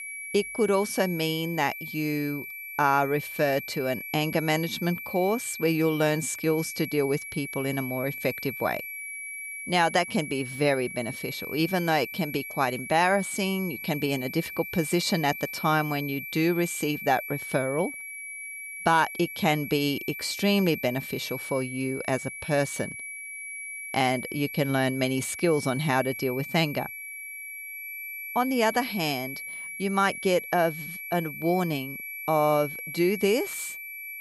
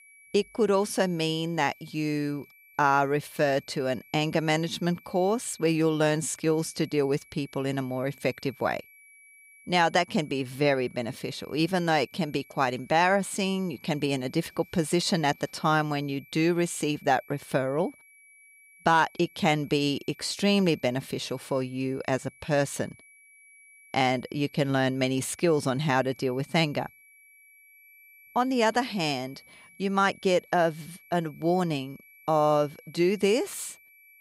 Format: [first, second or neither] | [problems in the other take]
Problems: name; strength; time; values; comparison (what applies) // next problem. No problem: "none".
second | high-pitched whine; loud; throughout; 2.5 kHz, 8 dB below the speech; faint in the second